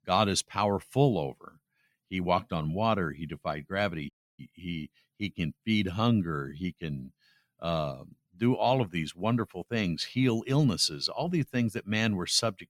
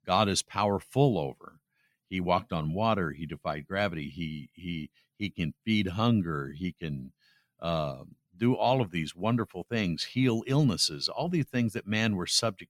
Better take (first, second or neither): second